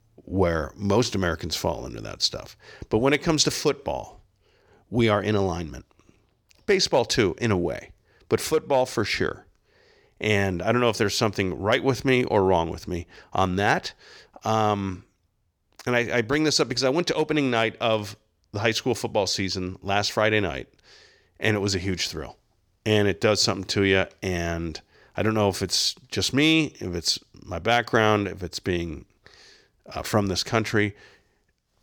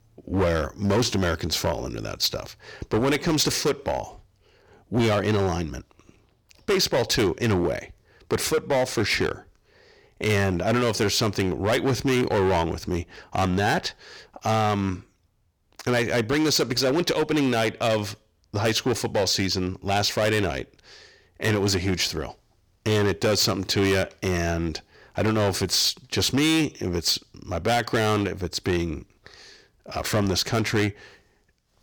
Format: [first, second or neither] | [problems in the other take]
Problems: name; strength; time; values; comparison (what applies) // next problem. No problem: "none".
first | distortion; heavy; 11% of the sound clipped